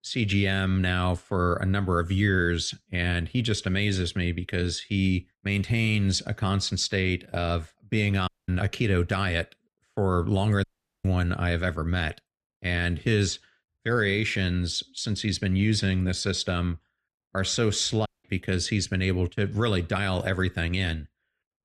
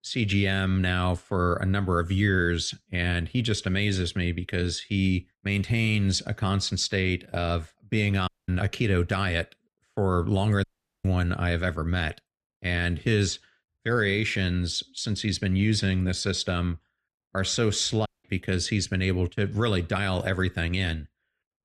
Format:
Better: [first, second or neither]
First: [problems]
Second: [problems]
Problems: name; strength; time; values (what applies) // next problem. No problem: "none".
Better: neither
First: audio cutting out; at 8.5 s, at 11 s and at 18 s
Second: audio cutting out; at 8.5 s, at 11 s and at 18 s